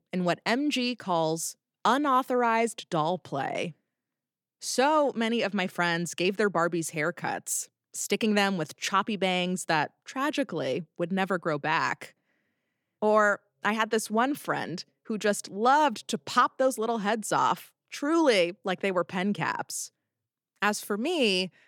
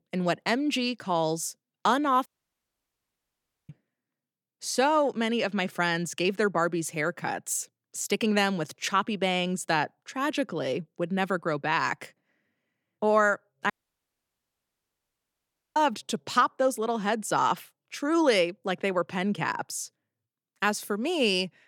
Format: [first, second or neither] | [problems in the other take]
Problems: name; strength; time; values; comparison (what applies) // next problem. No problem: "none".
first | audio cutting out; at 2.5 s for 1.5 s and at 14 s for 2 s